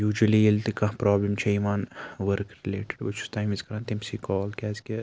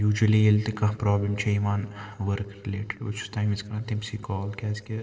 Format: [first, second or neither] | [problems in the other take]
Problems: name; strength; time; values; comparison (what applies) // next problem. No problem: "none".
first | room echo; dies away in 2.5 s